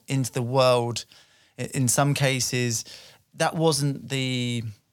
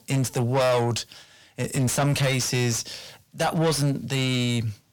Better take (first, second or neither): first